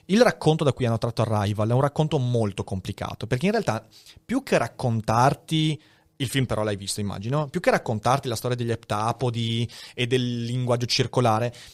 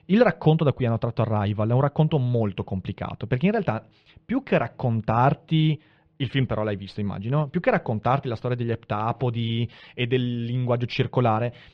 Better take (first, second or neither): first